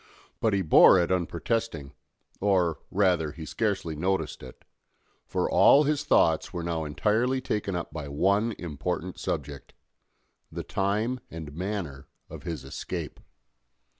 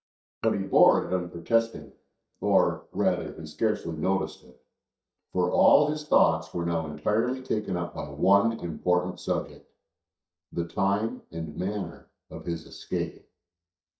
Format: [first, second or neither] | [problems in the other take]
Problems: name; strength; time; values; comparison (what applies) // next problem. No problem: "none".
first | noise reduction (neural mask model DeepFilterNet 3)